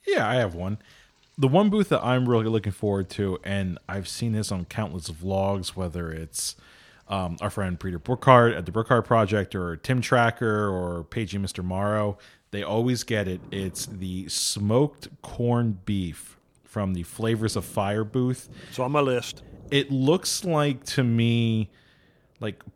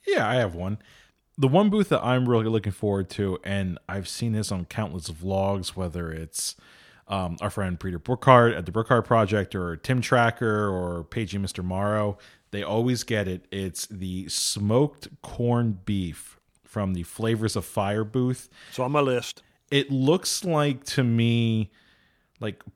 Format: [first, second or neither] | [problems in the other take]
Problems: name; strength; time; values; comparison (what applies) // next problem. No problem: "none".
second | rain or running water; faint; throughout; 25 dB below the speech